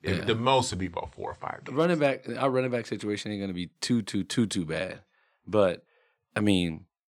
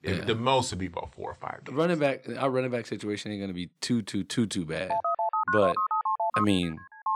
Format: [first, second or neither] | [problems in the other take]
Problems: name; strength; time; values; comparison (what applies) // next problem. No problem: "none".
first | phone ringing; loud; from 5 s on; peak 2 dB above the speech